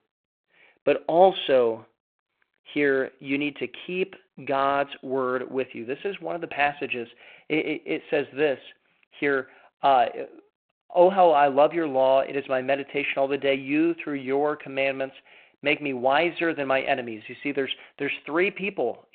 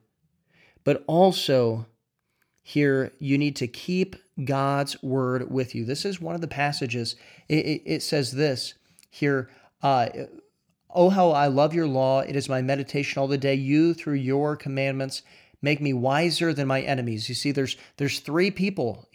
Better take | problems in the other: second | phone-call audio

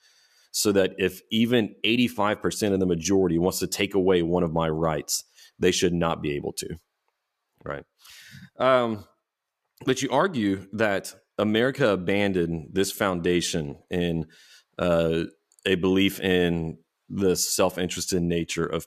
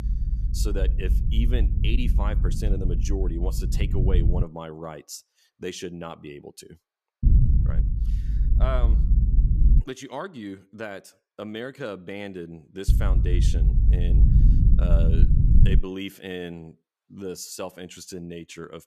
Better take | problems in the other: first | low rumble; loud; until 4.5 s, from 7 to 10 s and from 13 to 16 s; 4 dB below the speech

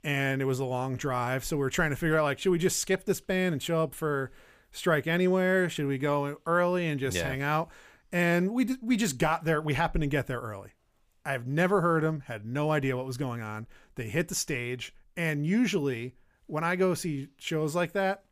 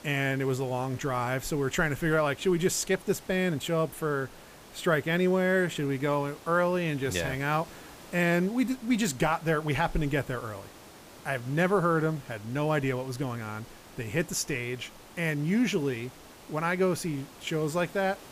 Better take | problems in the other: first | hiss; faint; throughout; 20 dB below the speech

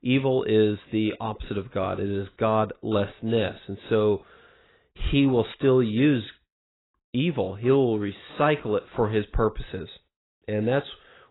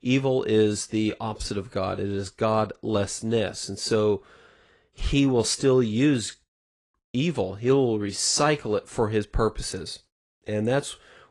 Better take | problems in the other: second | garbled, watery; badly; nothing above 4 kHz; slightly in the second

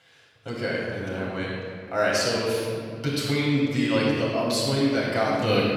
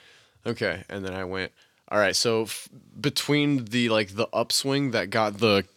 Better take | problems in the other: second | room echo; strong; dies away in 2.7 s // off-mic speech; far

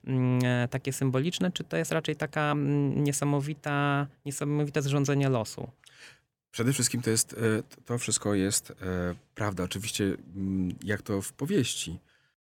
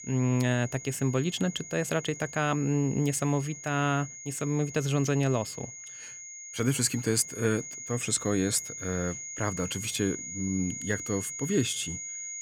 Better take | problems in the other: first | high-pitched whine; loud; throughout; 6.5 kHz, 9 dB below the speech

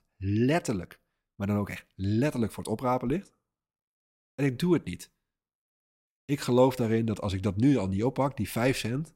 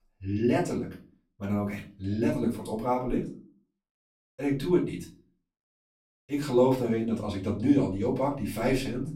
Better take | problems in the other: first | off-mic speech; far // room echo; slight; dies away in 0.3 s

